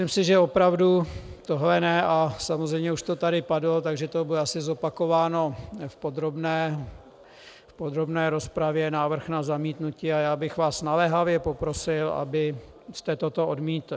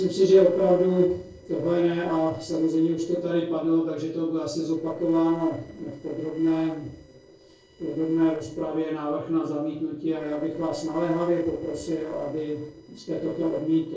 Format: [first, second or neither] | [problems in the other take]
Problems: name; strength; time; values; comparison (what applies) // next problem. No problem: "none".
first | noise reduction (neural separator model SepFormer DNS4)